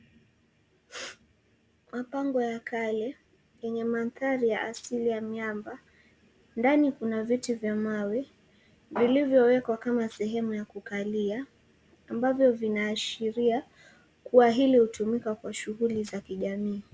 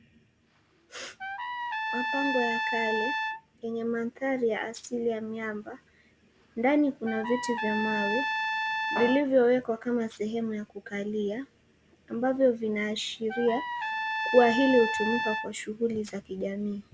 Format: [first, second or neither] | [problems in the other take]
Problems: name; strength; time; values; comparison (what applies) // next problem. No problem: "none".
first | background sound (Trumpet); 4 dB below the speech